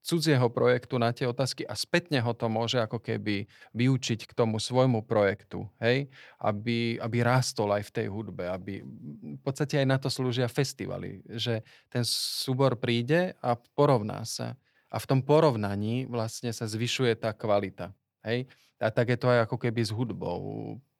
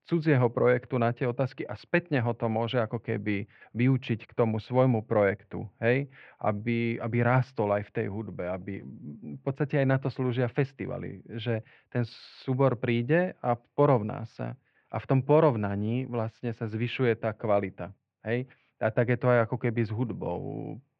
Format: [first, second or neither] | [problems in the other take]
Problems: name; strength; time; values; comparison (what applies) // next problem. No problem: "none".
first | muffled; very; fading above 2.5 kHz